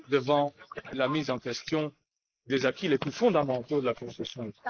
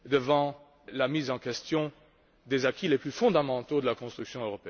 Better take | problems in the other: second | noise reduction (neural mask model Resemble Enhance denoiser)

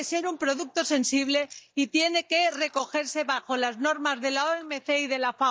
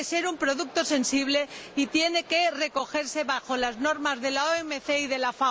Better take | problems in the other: second | noise reduction (neural mask model DeepFilterNet 3)

